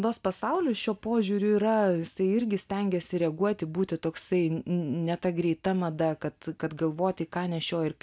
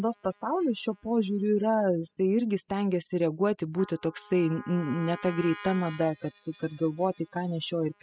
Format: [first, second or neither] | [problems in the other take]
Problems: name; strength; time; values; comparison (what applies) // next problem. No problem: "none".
first | noise reduction (classical method spectral subtraction)